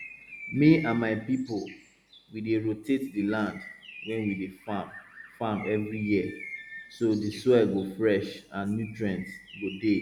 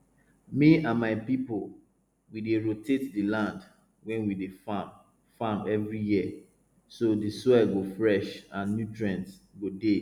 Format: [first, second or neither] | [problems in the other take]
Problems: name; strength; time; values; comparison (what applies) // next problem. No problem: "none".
second | background sound (Bird); 17 dB below the speech